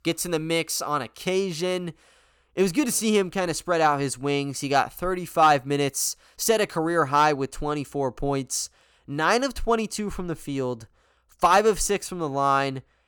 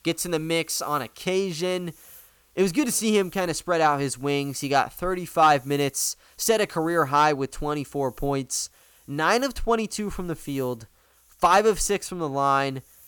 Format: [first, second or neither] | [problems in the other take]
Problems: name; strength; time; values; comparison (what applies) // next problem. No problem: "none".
first | hiss; faint; throughout; 25 dB below the speech